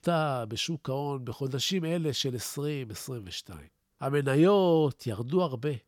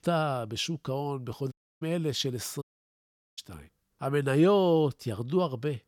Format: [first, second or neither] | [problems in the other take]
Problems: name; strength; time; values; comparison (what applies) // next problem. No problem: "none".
first | audio cutting out; at 1.5 s and at 2.5 s for 1 s